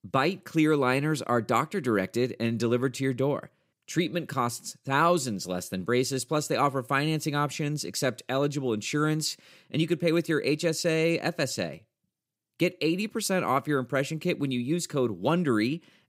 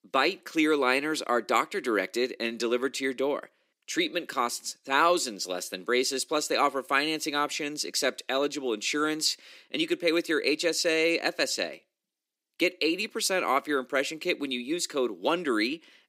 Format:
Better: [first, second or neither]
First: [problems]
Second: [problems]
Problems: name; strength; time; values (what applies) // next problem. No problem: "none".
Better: first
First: none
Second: thin; somewhat; fading below 300 Hz